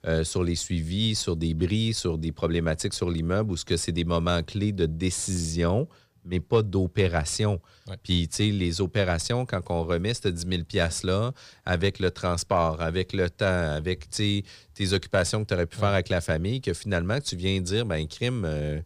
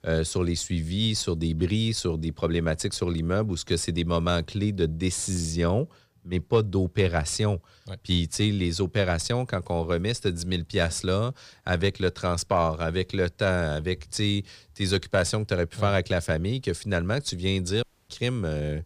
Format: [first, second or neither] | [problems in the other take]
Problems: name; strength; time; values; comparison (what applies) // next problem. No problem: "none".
first | audio cutting out; at 18 s